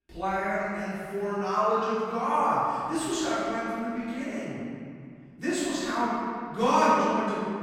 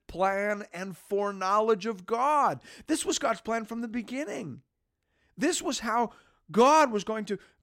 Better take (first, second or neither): second